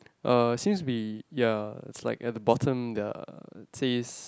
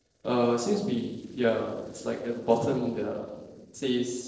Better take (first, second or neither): first